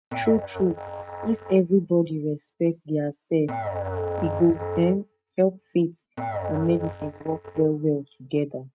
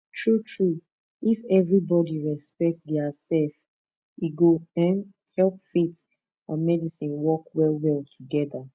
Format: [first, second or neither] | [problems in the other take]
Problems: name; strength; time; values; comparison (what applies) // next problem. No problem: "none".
second | noise reduction (neural mask model RNNoise)